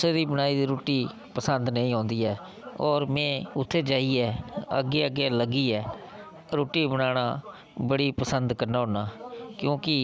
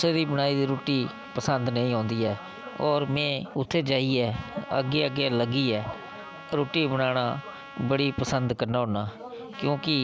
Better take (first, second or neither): first